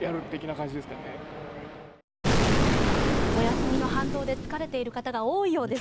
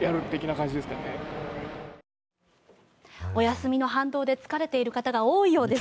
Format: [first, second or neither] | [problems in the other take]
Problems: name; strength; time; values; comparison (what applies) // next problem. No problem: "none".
second | background sound (Explosion); 3 dB above the speech